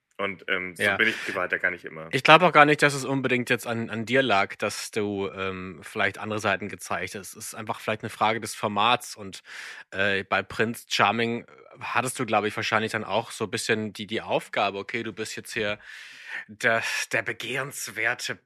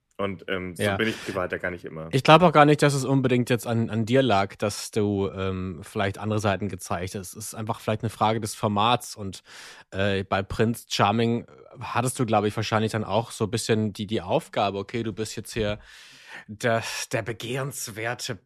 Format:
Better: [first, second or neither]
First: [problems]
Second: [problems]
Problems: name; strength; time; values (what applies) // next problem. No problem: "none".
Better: second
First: thin; very slightly; fading below 250 Hz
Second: none